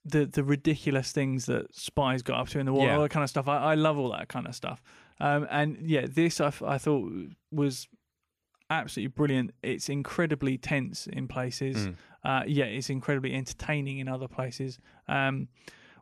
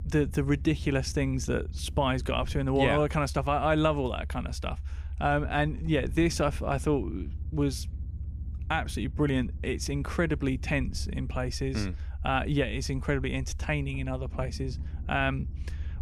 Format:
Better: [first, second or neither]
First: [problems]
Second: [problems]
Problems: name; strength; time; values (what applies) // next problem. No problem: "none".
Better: first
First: none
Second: low rumble; faint; throughout; 25 dB below the speech